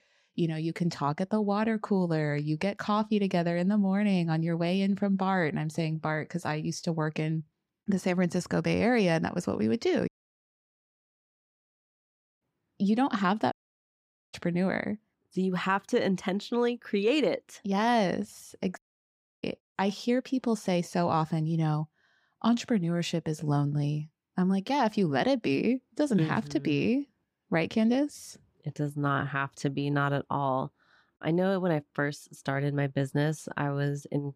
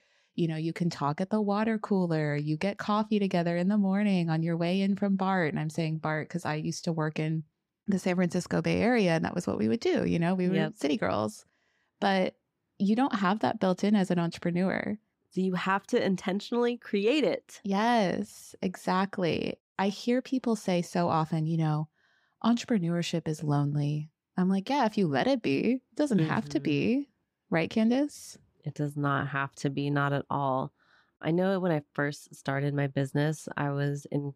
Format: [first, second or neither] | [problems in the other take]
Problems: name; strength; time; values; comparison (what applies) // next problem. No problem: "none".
second | audio cutting out; at 10 s for 2.5 s, at 14 s for 1 s and at 19 s for 0.5 s